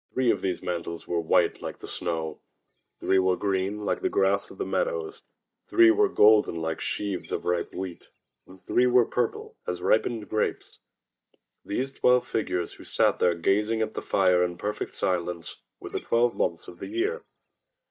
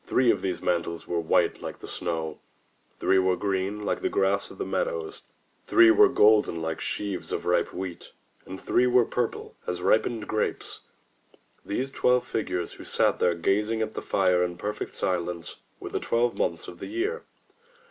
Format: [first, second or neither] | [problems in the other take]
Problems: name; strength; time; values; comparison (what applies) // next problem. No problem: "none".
second | noise reduction (neural mask model DeepFilterNet 3)